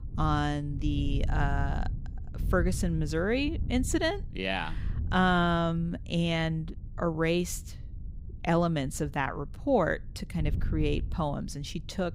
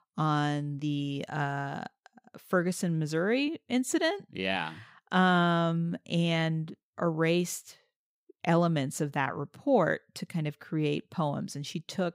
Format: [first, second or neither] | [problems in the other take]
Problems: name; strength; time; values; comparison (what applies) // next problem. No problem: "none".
second | wind noise on the microphone; occasional gusts; 20 dB below the speech